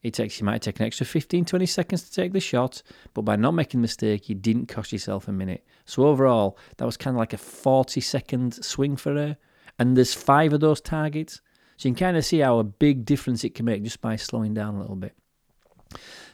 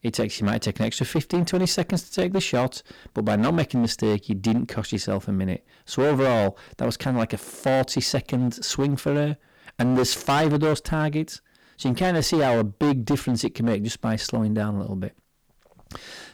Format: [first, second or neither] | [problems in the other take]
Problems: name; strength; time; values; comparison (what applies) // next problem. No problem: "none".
first | distortion; heavy; 12% of the sound clipped